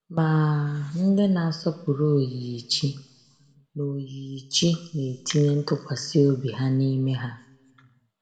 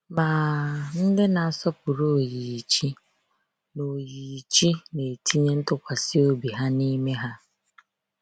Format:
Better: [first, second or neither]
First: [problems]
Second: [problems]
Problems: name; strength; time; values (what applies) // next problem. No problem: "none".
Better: second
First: room echo; dies away in 0.8 s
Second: none